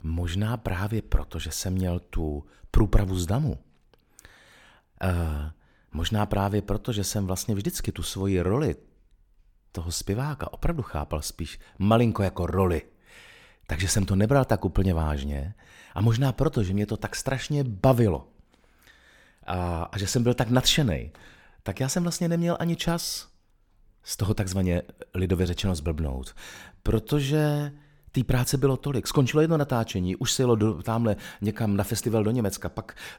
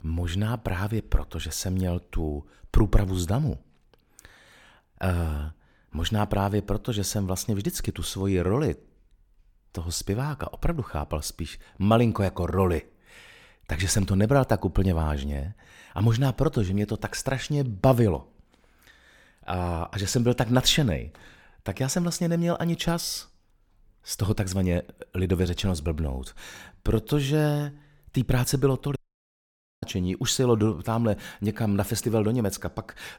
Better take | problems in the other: first | audio cutting out; at 29 s for 1 s

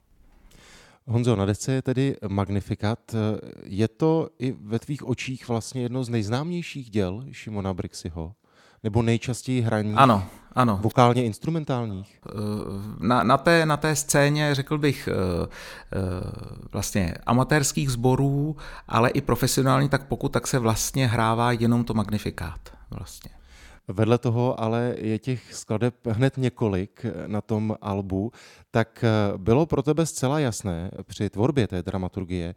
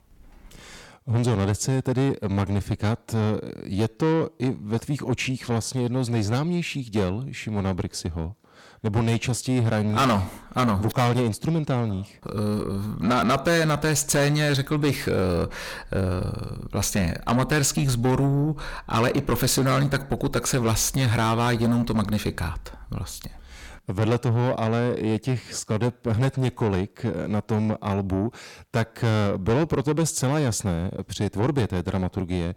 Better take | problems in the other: first | distortion; heavy; 7 dB below the speech

